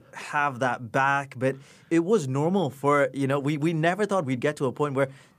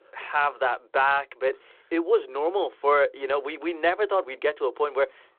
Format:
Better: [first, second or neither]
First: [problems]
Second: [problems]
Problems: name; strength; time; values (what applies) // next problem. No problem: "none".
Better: first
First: none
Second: phone-call audio